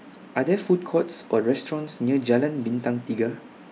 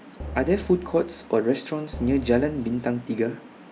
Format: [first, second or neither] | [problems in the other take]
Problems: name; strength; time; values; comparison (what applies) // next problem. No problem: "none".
first | background sound (Drum); 14 dB below the speech